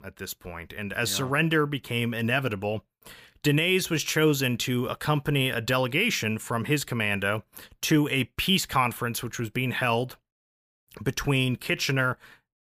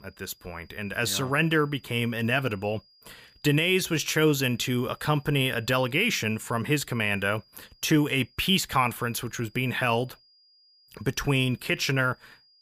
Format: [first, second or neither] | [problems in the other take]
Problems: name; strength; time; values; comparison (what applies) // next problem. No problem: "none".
first | high-pitched whine; faint; throughout; 5 kHz, 30 dB below the speech